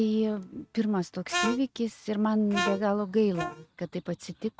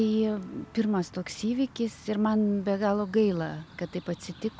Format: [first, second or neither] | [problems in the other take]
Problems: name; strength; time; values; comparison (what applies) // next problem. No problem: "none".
second | noise reduction (neural mask model RNNoise)